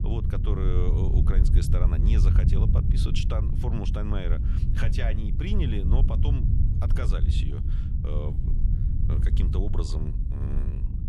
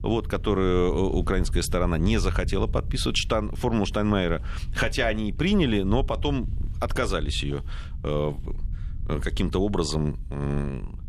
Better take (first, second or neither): second